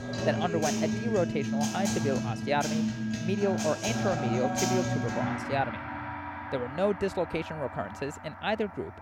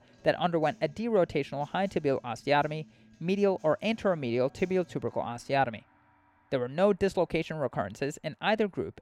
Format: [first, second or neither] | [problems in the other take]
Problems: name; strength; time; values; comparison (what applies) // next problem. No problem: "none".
second | background music; loud; throughout; as loud as the speech; faint in the second